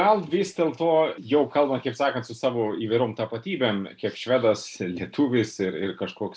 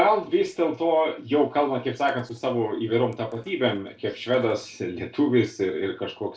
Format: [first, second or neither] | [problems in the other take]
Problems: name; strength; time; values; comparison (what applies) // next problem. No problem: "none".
first | noise reduction (neural separator model SepFormer DNS4)